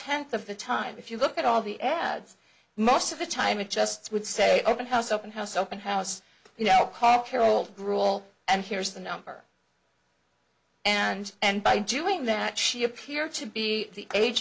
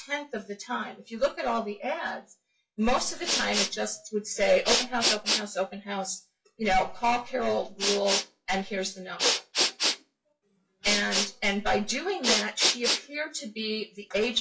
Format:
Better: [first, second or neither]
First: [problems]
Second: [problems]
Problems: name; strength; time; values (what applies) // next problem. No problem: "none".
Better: first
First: none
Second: noise reduction (classical method WPE with log-MMSE)